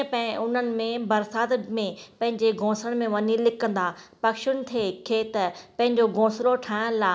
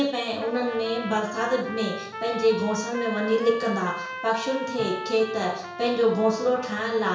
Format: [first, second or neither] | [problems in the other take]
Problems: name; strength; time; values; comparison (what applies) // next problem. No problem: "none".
first | background sound (Trumpet); 11 dB below the speech // room echo; dies away in 0.5 s